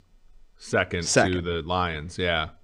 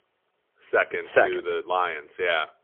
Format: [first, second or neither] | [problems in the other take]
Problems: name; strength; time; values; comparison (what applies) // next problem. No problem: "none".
first | phone-call audio; poor line; nothing above 3.5 kHz